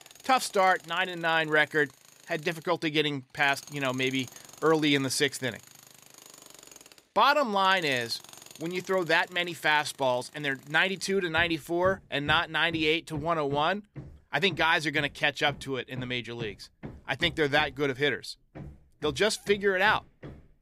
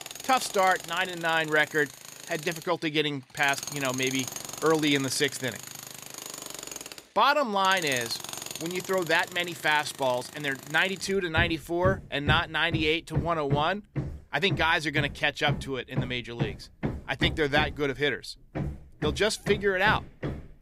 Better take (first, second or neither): first